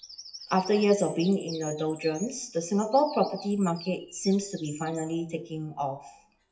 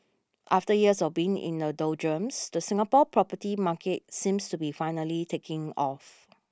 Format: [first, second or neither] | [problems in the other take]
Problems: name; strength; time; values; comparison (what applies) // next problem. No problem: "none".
second | noise reduction (classical method WPE with log-MMSE)